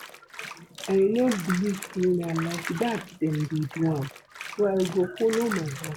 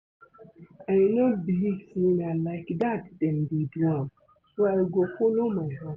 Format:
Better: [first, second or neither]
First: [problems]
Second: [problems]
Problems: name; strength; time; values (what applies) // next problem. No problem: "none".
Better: second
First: background sound (Bathtub (filling or washing)); 13 dB below the speech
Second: none